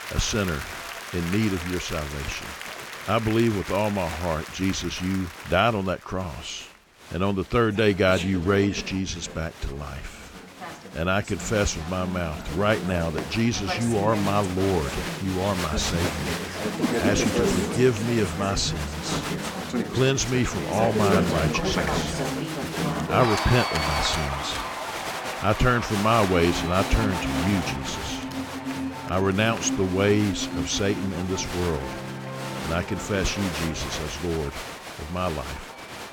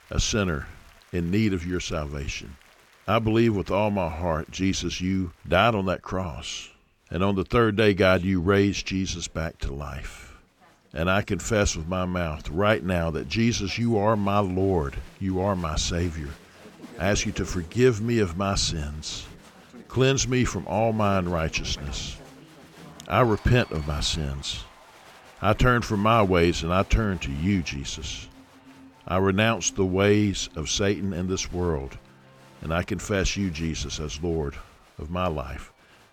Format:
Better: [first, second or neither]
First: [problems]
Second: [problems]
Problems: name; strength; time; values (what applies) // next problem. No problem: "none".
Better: second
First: crowd noise; loud; throughout; 4 dB below the speech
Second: crowd noise; faint; throughout; 25 dB below the speech